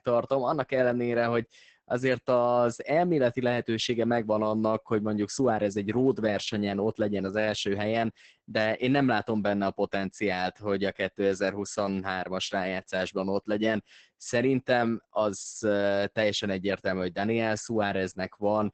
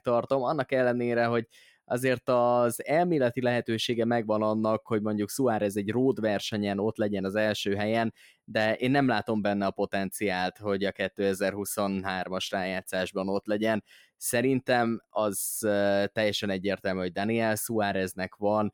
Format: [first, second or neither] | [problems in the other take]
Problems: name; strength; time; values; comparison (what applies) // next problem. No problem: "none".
second | garbled, watery; badly; nothing above 8 kHz